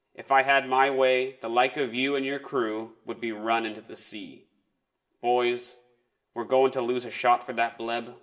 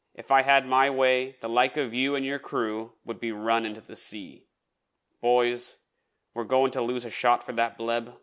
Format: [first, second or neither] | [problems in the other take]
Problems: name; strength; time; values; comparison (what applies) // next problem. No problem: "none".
second | room echo; dies away in 0.5 s